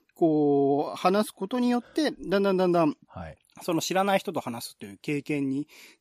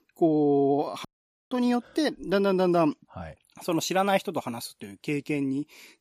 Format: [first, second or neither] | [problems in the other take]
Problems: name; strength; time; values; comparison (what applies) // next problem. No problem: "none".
first | audio cutting out; at 1 s